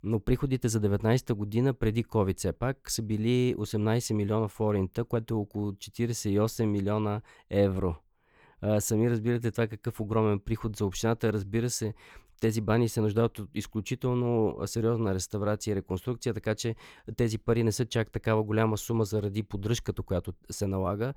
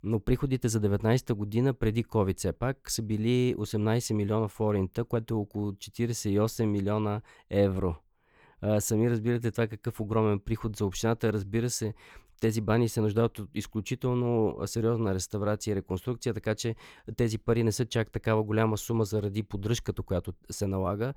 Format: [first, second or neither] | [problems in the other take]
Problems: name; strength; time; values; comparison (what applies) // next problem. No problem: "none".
neither | none